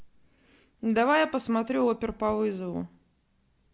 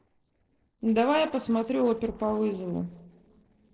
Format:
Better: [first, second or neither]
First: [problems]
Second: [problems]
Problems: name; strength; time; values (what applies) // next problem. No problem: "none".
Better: first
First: none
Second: noise reduction (neural separator model SepFormer DNS4)